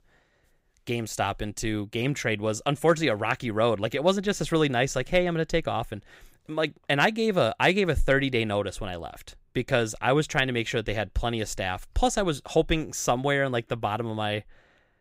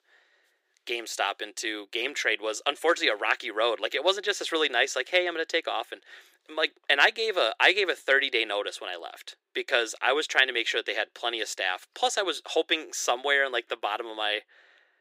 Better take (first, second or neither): first